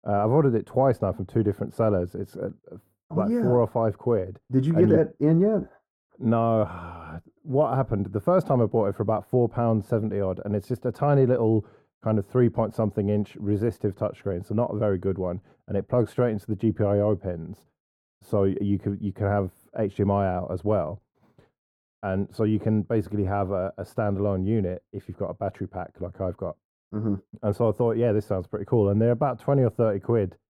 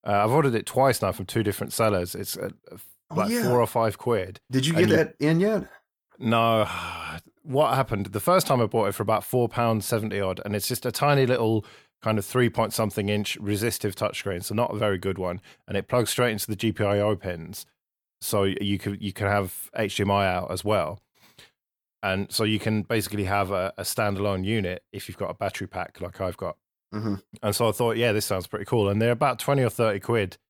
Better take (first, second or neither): second